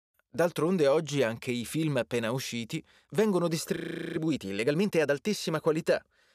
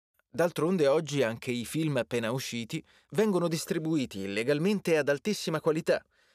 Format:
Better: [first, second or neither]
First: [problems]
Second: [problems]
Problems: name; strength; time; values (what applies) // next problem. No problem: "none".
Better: second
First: audio freezing; at 4 s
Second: none